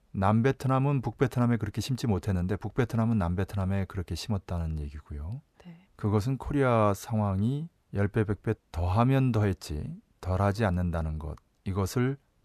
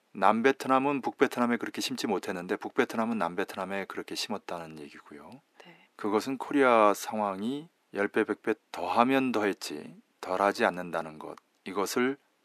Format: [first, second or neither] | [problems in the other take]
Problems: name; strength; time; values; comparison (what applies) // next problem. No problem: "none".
first | thin; somewhat; fading below 300 Hz